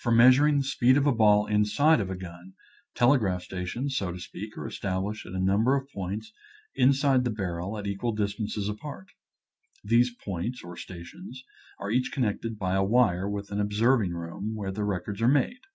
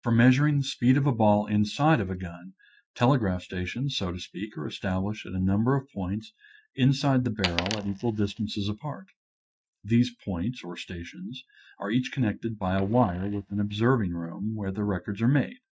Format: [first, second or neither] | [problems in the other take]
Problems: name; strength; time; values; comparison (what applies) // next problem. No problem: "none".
first | noise reduction (neural mask model DeepFilterNet 3)